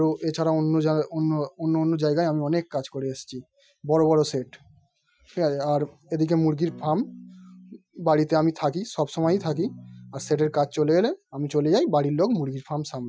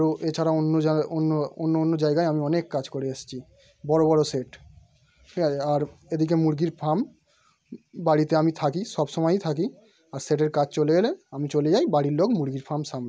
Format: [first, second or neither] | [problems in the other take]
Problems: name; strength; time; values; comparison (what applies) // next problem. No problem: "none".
second | noise reduction (classical method Wiener filter)